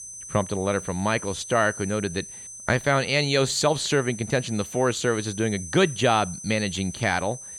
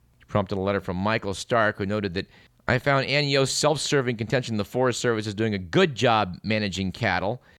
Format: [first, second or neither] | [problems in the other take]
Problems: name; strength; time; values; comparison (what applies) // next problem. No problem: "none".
second | high-pitched whine; noticeable; throughout; 6 kHz, 10 dB below the speech